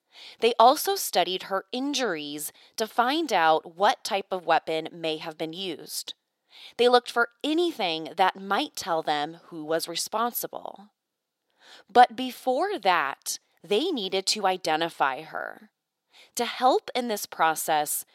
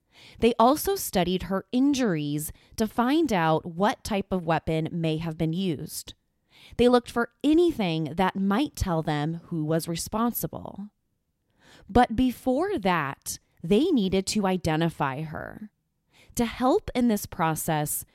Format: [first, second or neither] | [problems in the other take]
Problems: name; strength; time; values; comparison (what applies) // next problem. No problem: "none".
second | thin; somewhat; fading below 500 Hz